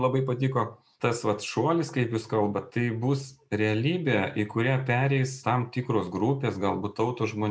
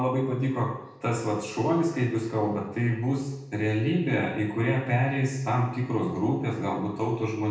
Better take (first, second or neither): first